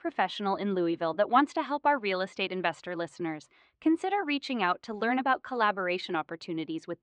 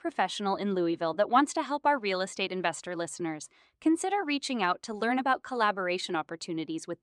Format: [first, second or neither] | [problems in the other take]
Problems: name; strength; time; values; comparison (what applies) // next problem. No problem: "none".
second | muffled; very slightly; fading above 3 kHz